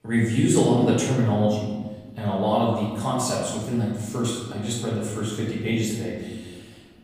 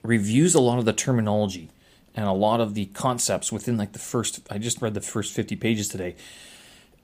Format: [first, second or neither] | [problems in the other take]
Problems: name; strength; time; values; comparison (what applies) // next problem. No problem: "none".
second | room echo; noticeable; dies away in 1.3 s // off-mic speech; far